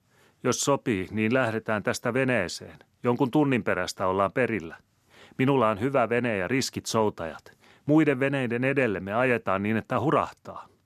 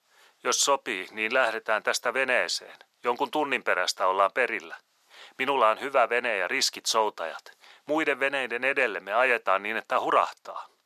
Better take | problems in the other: first | thin; very; fading below 700 Hz

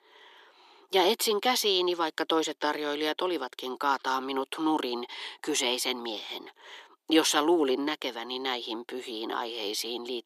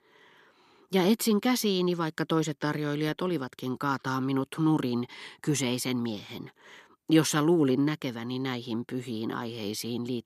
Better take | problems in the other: second | thin; very; fading below 350 Hz

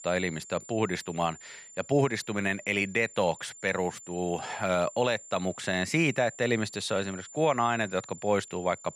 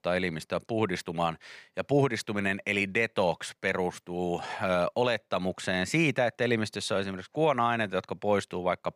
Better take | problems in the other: second | high-pitched whine; noticeable; throughout; 7 kHz, 15 dB below the speech

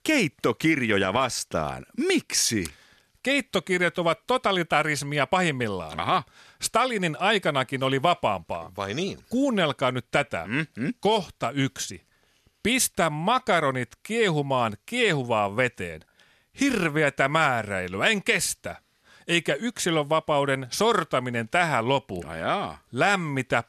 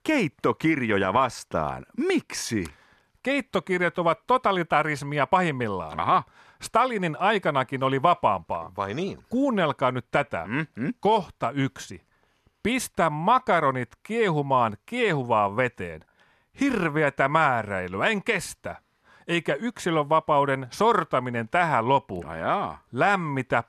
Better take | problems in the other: first | muffled; slightly; fading above 2.5 kHz

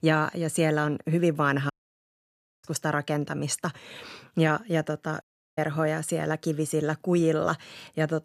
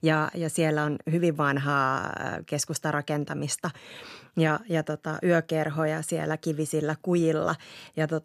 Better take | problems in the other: second | audio cutting out; at 1.5 s for 1 s and at 5 s

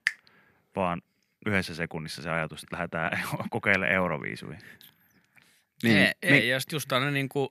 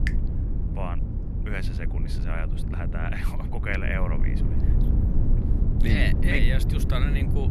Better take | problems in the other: first | low rumble; loud; throughout; 7 dB below the speech

